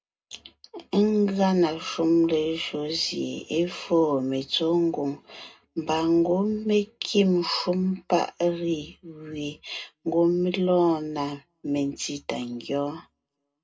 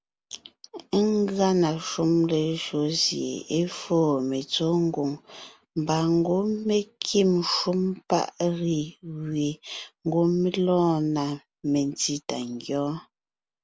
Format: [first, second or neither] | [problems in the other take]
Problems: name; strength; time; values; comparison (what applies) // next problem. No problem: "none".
second | room echo; dies away in 0.2 s